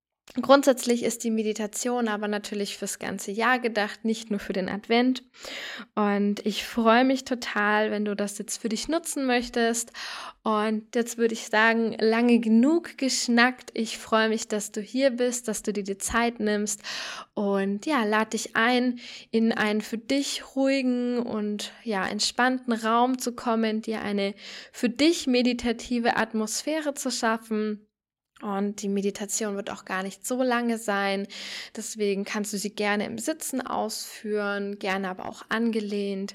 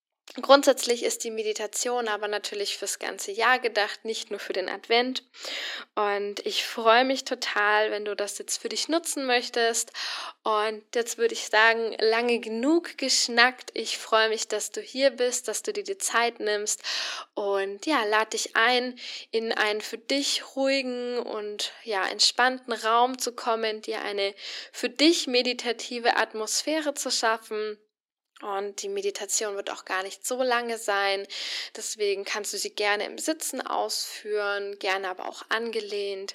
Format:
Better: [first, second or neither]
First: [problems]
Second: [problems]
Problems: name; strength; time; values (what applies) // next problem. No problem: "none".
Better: first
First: none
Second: thin; somewhat; fading below 300 Hz